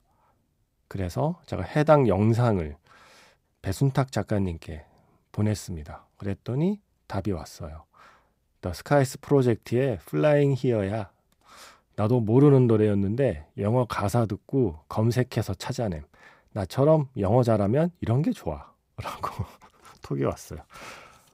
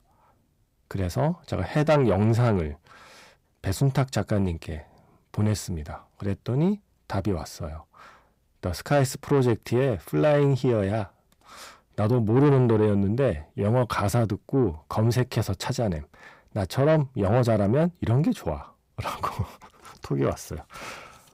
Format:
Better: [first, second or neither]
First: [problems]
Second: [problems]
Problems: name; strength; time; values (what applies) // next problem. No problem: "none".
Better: first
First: none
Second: distortion; slight; 10 dB below the speech